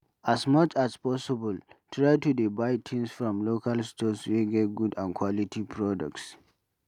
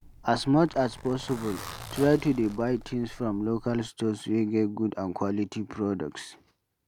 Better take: first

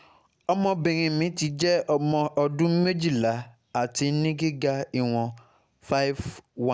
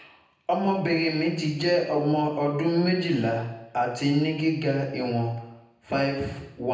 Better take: first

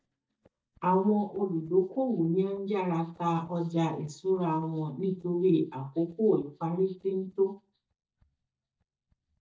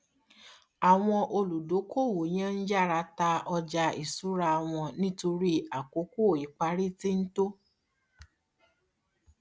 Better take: second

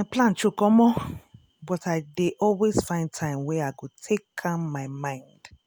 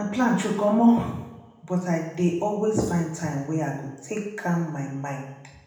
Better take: first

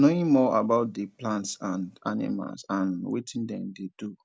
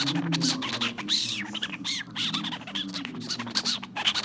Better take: first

